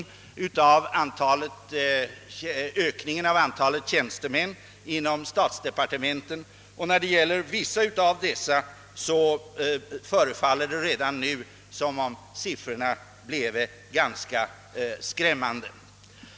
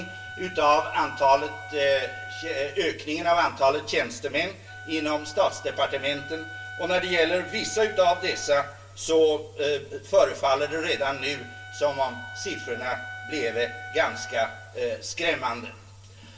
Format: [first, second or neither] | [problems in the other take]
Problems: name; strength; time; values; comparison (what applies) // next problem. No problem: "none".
first | background sound (Wind instrument, woodwind instrument); 15 dB below the speech // room echo; dies away in 0.3 s